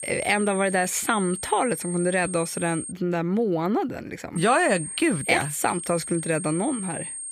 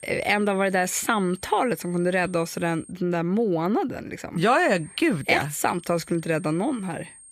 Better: second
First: high-pitched whine; loud; until 3 s and from 4.5 s on; 8.5 kHz, 8 dB below the speech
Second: high-pitched whine; faint; until 3 s and from 4.5 s on; 8.5 kHz, 20 dB below the speech

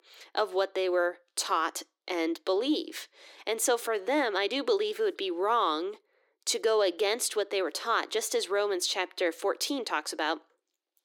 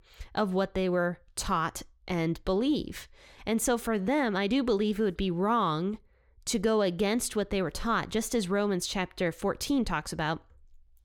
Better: second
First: thin; somewhat; fading below 300 Hz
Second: none

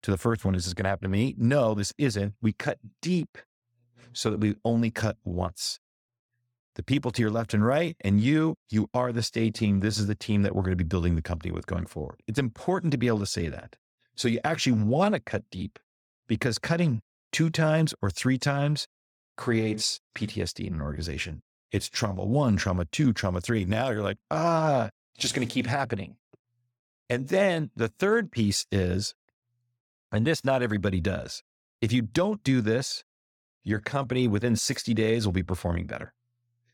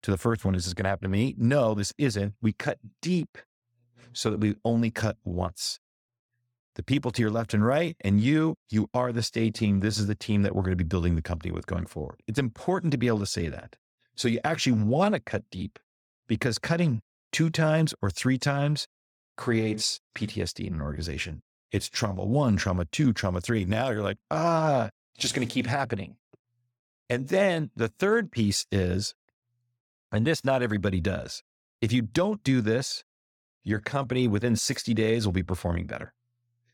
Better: neither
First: none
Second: none

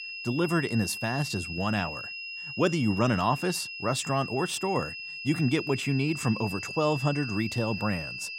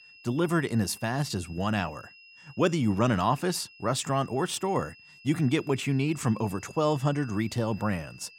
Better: second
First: high-pitched whine; loud; throughout; 2.5 kHz, 7 dB below the speech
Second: high-pitched whine; faint; throughout; 2.5 kHz, 20 dB below the speech

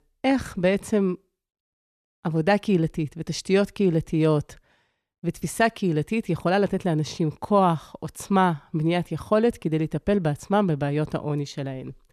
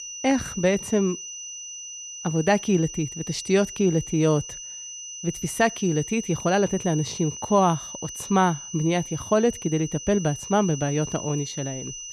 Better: first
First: none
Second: high-pitched whine; noticeable; throughout; 6 kHz, 10 dB below the speech

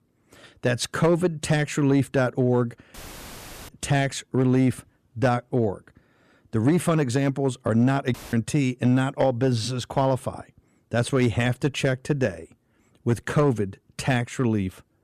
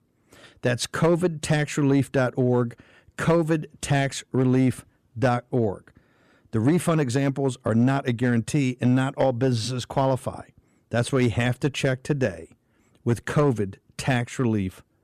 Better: second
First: audio cutting out; filled with static; at 3 s for 1 s and at 8 s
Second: none

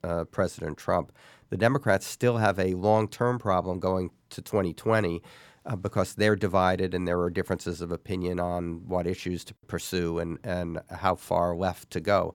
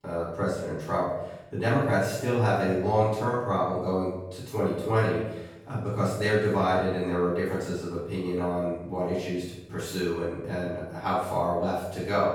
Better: first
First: none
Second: off-mic speech; far // room echo; noticeable; dies away in 0.8 s

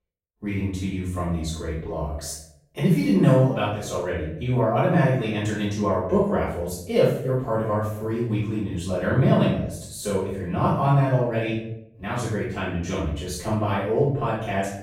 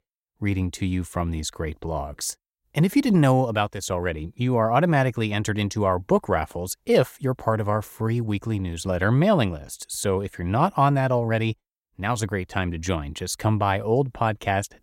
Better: second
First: off-mic speech; far // room echo; noticeable; dies away in 0.6 s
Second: none

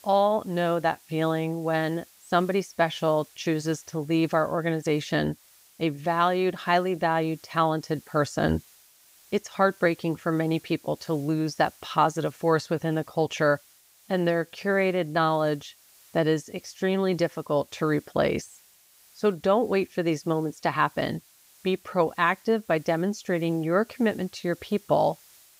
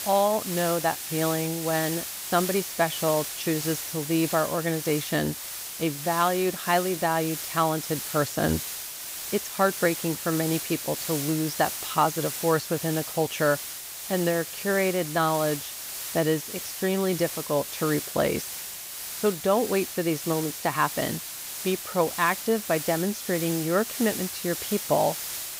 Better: first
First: hiss; faint; throughout; 25 dB below the speech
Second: hiss; loud; throughout; 5 dB below the speech

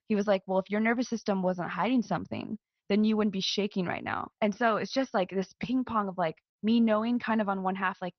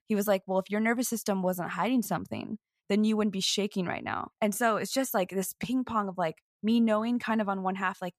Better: second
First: garbled, watery; slightly; nothing above 6 kHz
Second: none

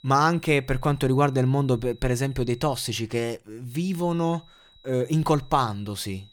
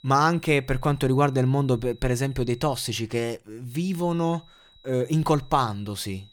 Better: neither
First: high-pitched whine; faint; until 3 s and from 3.5 s on; 4 kHz, 30 dB below the speech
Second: high-pitched whine; faint; until 3 s and from 3.5 s on; 4 kHz, 30 dB below the speech

